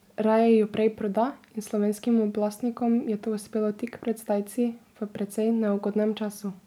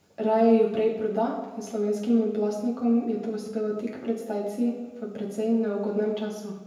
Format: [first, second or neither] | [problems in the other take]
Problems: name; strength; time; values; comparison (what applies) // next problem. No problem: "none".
first | room echo; dies away in 1 s